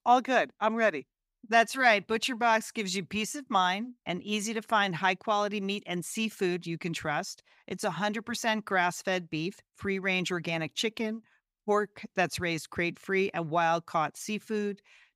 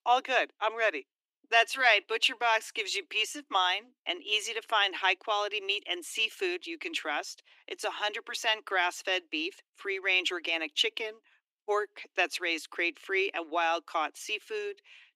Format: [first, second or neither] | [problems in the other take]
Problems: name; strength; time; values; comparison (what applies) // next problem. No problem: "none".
first | thin; very; fading below 300 Hz